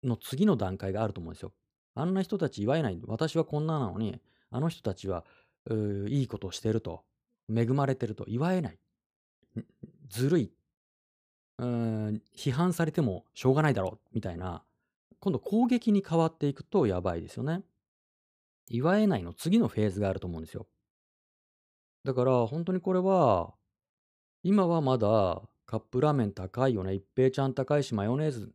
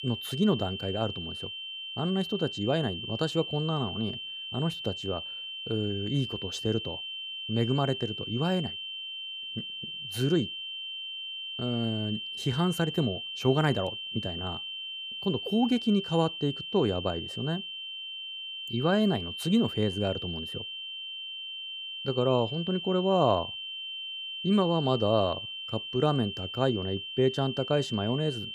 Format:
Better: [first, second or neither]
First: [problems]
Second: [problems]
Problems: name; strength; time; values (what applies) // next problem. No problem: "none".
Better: first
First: none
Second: high-pitched whine; loud; throughout; 3 kHz, 6 dB below the speech